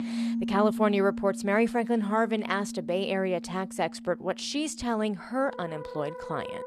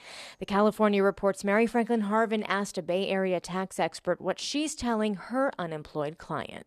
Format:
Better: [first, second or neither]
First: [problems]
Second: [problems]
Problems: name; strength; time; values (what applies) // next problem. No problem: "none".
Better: second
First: background music; loud; throughout; 8 dB below the speech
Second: none